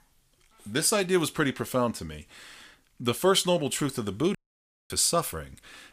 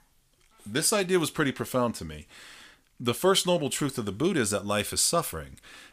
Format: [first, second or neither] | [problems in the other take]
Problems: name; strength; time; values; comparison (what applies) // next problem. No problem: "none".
second | audio cutting out; at 4.5 s for 0.5 s